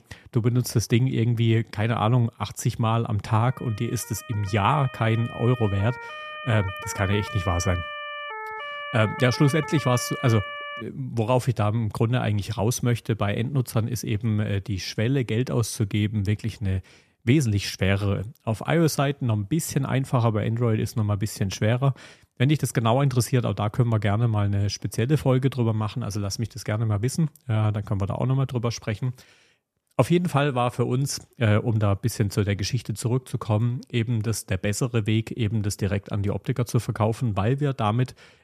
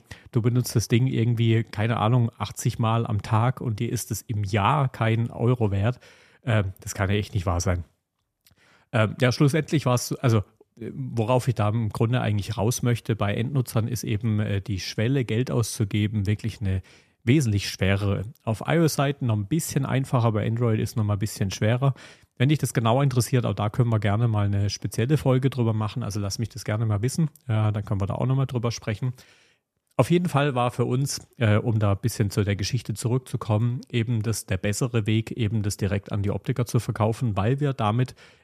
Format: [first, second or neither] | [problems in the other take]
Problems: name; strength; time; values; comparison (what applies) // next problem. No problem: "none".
second | siren; noticeable; from 3.5 to 11 s; peak 8 dB below the speech